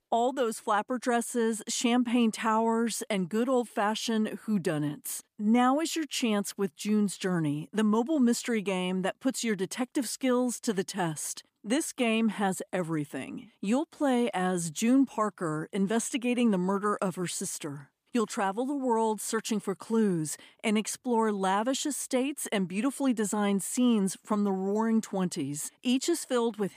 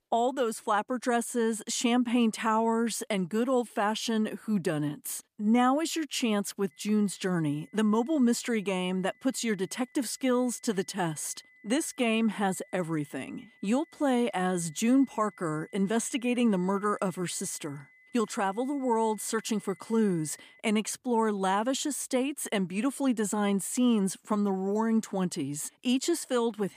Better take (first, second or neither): first